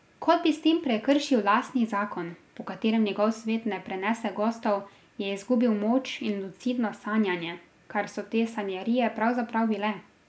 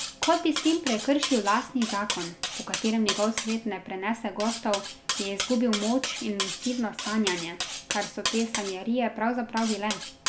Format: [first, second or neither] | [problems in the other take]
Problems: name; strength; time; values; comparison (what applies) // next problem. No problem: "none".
first | background sound (Cutlery, silverware); 6 dB below the speech